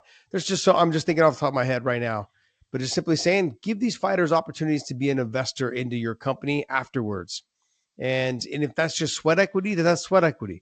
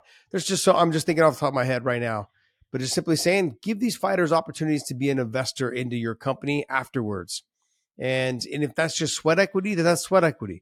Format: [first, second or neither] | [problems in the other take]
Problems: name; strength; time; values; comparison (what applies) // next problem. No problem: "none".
second | garbled, watery; slightly; nothing above 7.5 kHz